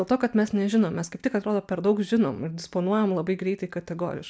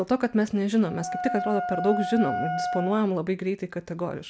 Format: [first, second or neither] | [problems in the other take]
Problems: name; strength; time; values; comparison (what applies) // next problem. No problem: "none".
first | background sound (Wind instrument, woodwind instrument); 6 dB below the speech